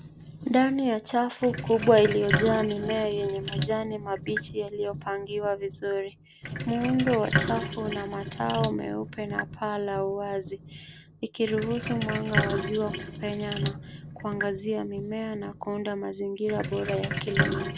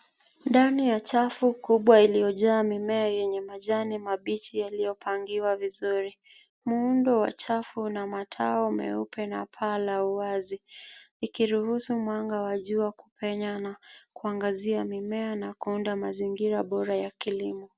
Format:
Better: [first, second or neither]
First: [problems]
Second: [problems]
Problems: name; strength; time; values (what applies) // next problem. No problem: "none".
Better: second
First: background sound (Sink (filling or washing)); 5 dB below the speech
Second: none